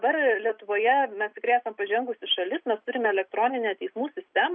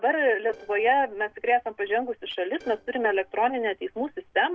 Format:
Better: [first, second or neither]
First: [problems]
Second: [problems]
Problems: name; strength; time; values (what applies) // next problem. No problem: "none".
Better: first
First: none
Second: noise reduction (neural separator model SepFormer DNS4)